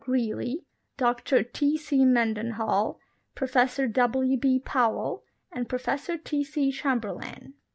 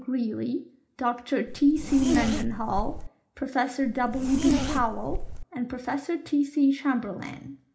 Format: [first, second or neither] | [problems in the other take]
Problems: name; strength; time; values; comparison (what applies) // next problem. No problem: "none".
first | background sound (Zipper (clothing)); 3 dB below the speech // room echo; dies away in 0.4 s